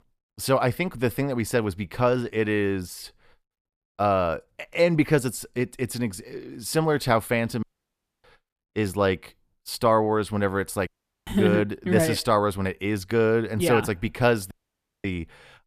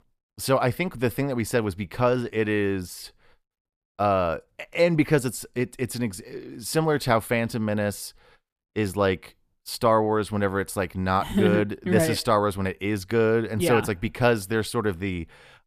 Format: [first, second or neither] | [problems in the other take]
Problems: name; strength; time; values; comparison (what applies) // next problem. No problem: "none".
second | audio cutting out; at 7.5 s for 0.5 s, at 11 s and at 15 s for 0.5 s